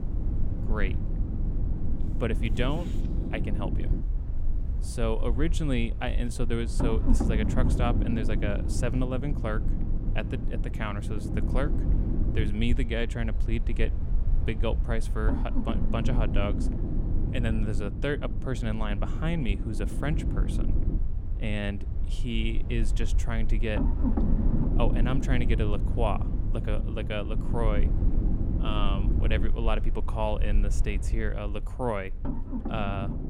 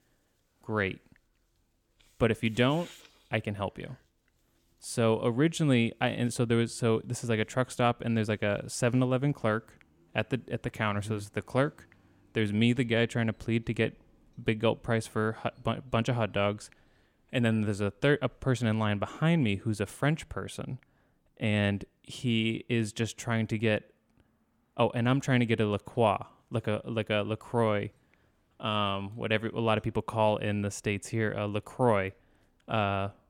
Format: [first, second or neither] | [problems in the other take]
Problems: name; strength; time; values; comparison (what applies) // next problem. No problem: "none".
second | low rumble; loud; throughout; 7 dB below the speech